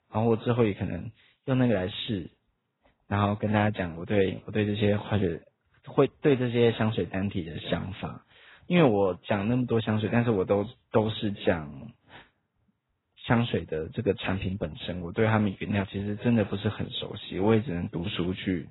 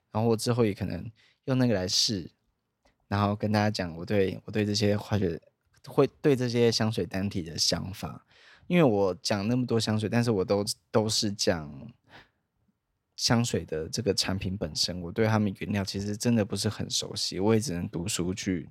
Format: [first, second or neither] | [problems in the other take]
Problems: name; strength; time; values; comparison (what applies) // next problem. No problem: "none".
second | garbled, watery; badly; nothing above 4 kHz